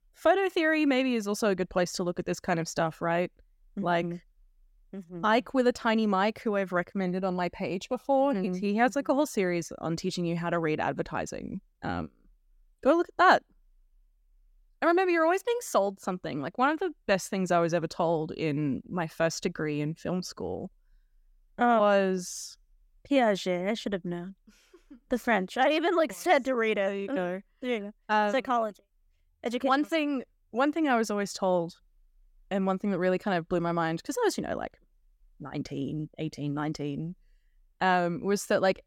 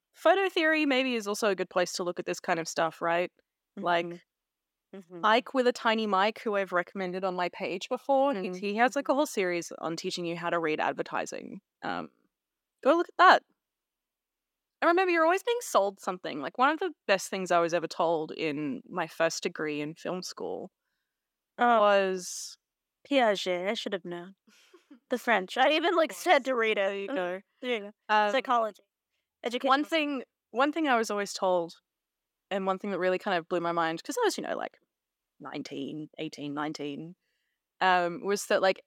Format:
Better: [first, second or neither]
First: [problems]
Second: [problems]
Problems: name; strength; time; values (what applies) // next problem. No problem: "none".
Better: first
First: none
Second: thin; very slightly; fading below 300 Hz